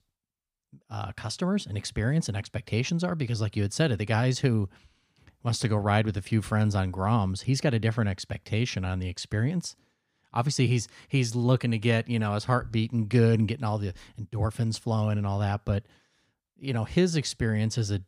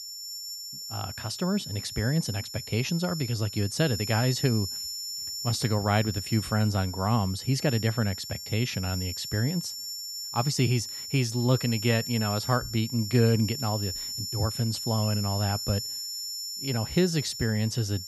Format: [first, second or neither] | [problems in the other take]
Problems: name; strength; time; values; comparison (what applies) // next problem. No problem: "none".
first | high-pitched whine; loud; throughout; 5.5 kHz, 6 dB below the speech